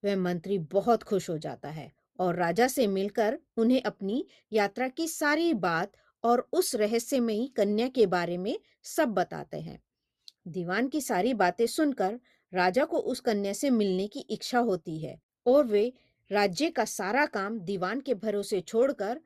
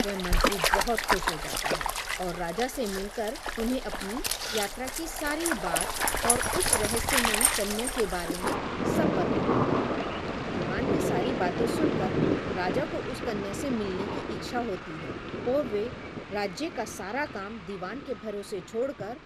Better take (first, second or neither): first